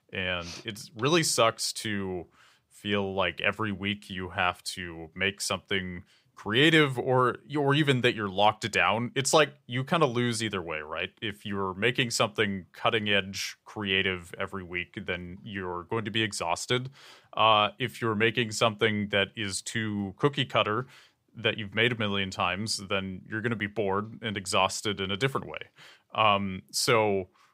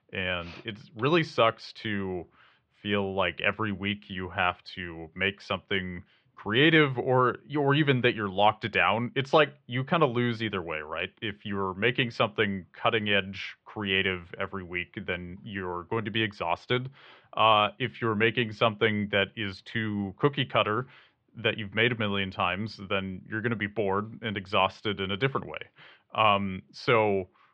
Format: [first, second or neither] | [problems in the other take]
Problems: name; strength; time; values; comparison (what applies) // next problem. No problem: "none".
first | muffled; very; fading above 3.5 kHz